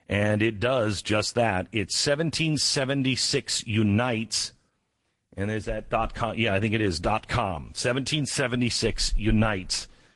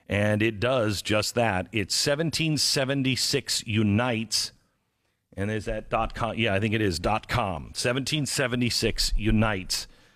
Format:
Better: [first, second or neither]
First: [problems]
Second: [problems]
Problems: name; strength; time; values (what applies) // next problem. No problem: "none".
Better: second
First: garbled, watery; slightly; nothing above 11 kHz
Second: none